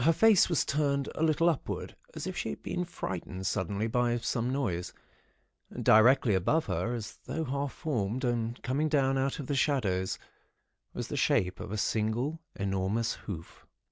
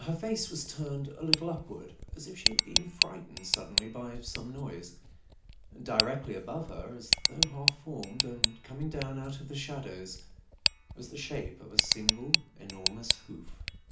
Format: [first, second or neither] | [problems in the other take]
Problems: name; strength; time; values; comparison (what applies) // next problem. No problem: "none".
first | background sound (Tick); 5 dB above the speech // room echo; dies away in 0.4 s